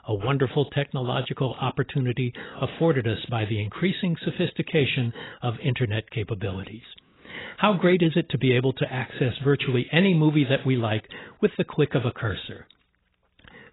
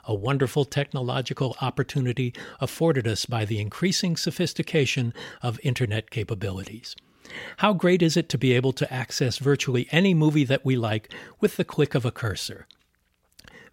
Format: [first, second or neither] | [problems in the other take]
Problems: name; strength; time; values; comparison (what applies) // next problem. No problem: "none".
second | garbled, watery; badly; nothing above 4 kHz